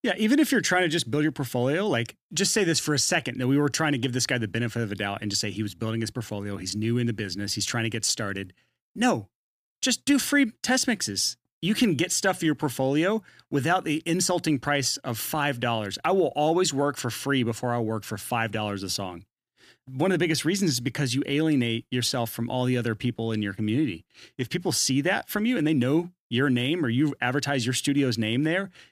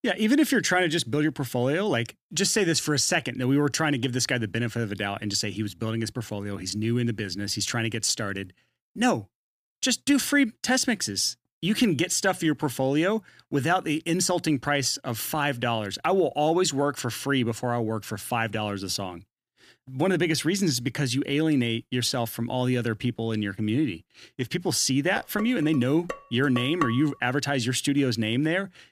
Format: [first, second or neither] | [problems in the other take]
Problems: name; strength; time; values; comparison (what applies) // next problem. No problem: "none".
first | clattering dishes; noticeable; from 25 to 27 s; peak 6 dB below the speech